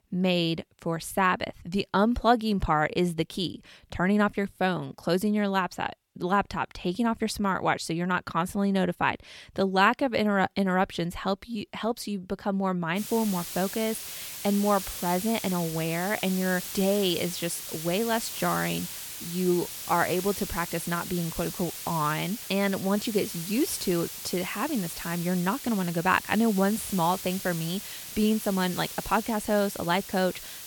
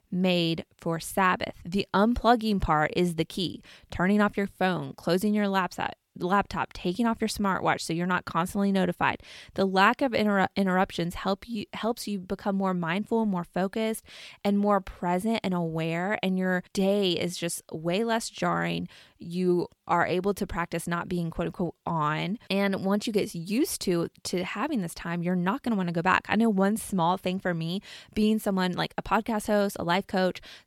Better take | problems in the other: second | hiss; loud; from 13 s on; 8 dB below the speech

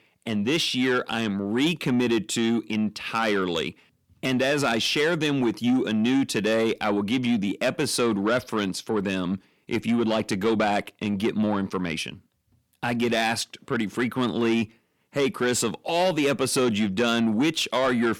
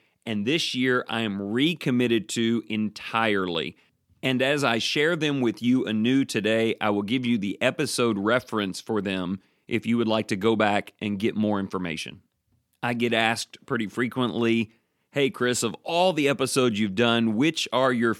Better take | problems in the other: second | distortion; slight; 10 dB below the speech

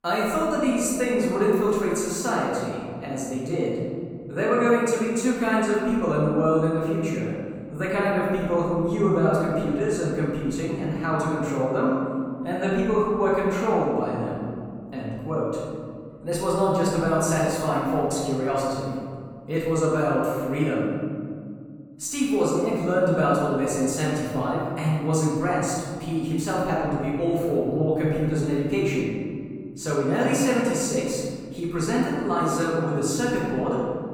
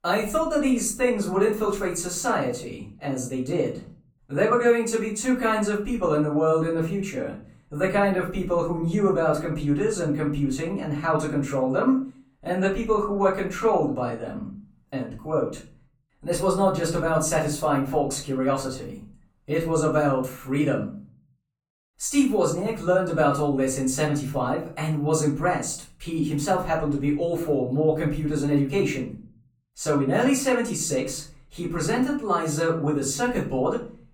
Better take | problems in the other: second | room echo; strong; dies away in 2.2 s; slight in the second // off-mic speech; far; far in the second

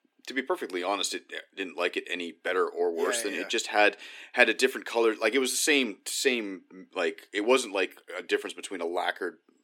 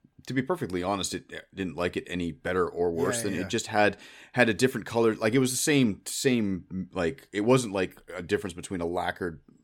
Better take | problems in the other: second | thin; somewhat; fading below 300 Hz

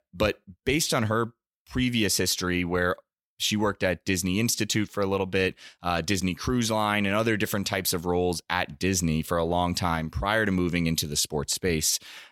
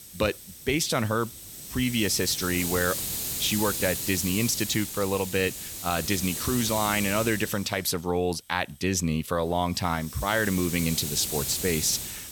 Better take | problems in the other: first | hiss; loud; throughout; 4 dB below the speech

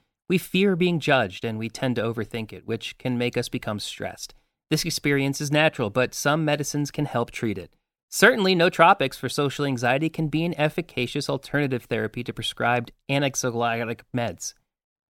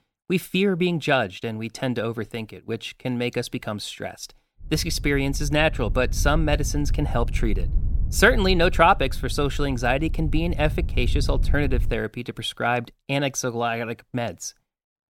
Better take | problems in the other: first | low rumble; faint; from 4.5 to 12 s; 20 dB below the speech

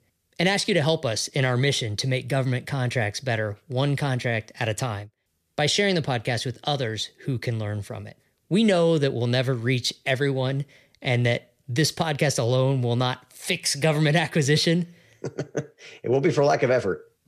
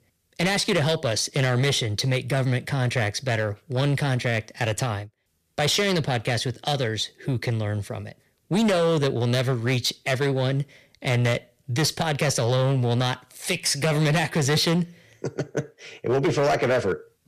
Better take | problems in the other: first | distortion; slight; 10% of the sound clipped

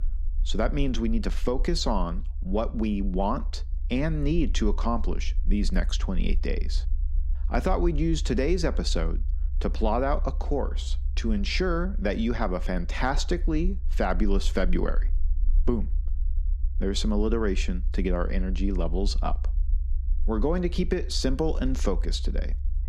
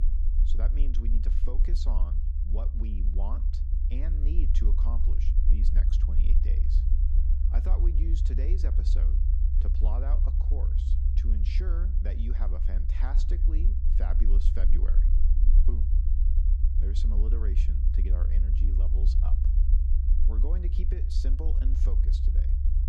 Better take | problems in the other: first | low rumble; loud; throughout; 2 dB below the speech; faint in the first

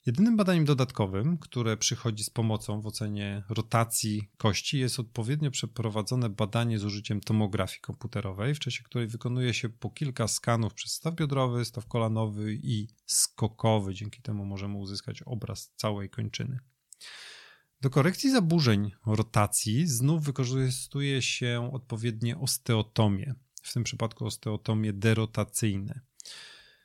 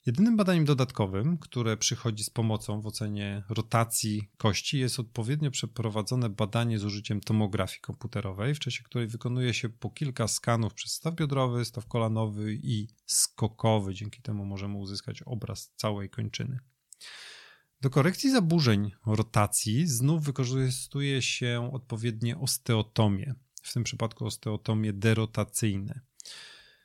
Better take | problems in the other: neither | none

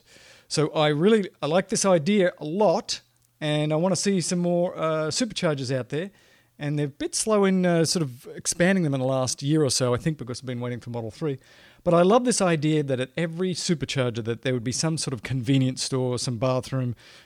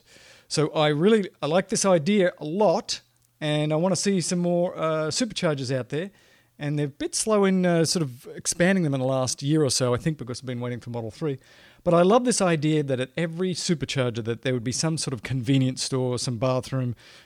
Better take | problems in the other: neither | none

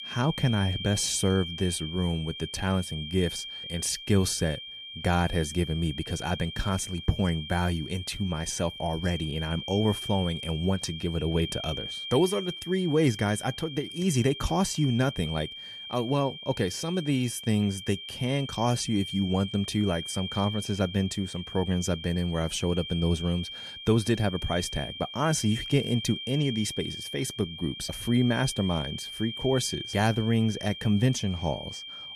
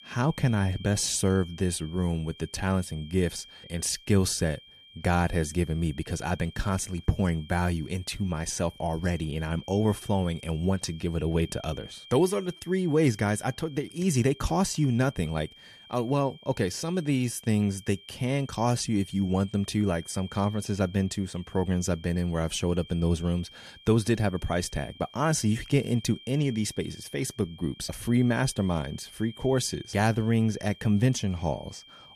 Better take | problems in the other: second | high-pitched whine; loud; throughout; 3 kHz, 9 dB below the speech; faint in the second

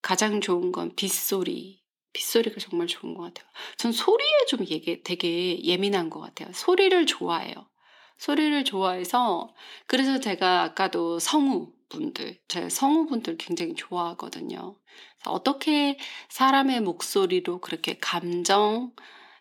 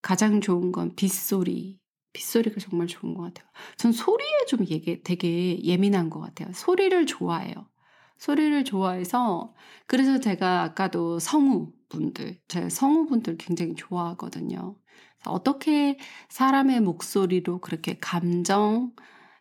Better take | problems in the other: second | thin; very slightly; fading below 400 Hz

